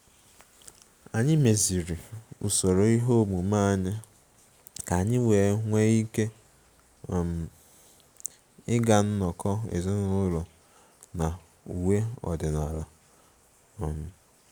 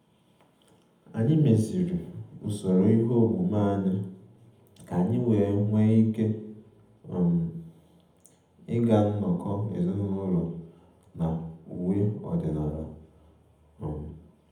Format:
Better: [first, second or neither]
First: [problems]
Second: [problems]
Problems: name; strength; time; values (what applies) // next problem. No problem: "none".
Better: first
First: none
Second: room echo; dies away in 0.8 s